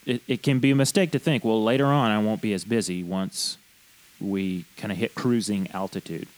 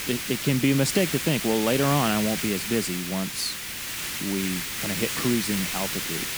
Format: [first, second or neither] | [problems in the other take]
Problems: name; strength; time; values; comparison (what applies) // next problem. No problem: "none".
first | hiss; loud; throughout; 2 dB below the speech; faint in the first